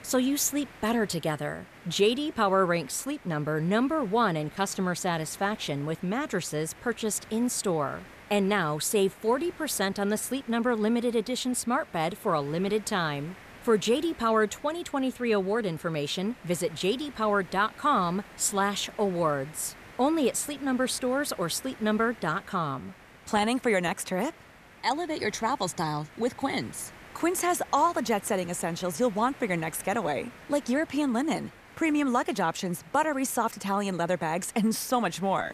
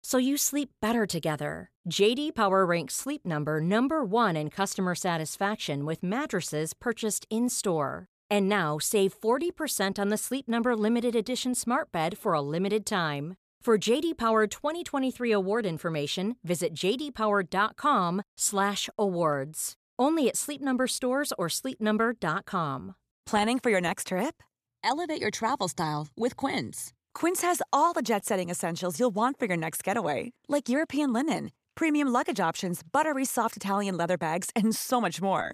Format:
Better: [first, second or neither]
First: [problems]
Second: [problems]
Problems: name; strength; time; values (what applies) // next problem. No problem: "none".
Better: second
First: hiss; faint; throughout; 20 dB below the speech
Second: none